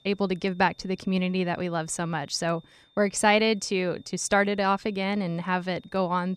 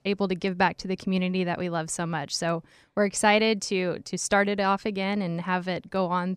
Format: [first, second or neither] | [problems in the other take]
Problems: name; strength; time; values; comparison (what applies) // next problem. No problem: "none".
second | high-pitched whine; faint; throughout; 3.5 kHz, 35 dB below the speech